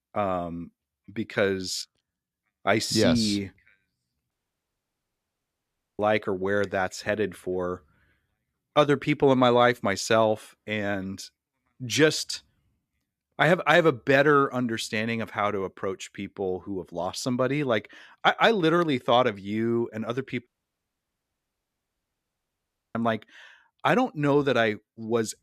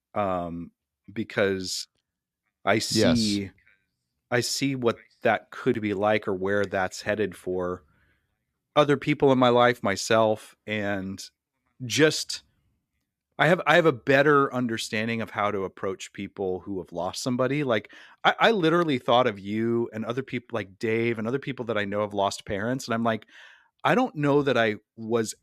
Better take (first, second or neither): second